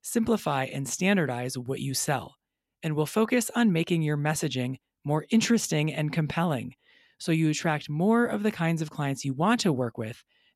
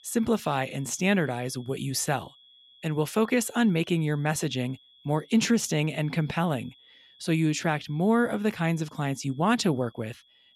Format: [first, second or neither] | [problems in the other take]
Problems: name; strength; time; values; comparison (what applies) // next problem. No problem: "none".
first | high-pitched whine; faint; throughout; 3.5 kHz, 30 dB below the speech